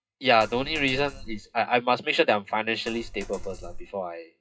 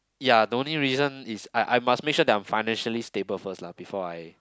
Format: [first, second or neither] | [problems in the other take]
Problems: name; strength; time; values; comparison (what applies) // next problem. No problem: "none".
second | noise reduction (classical method WPE with log-MMSE)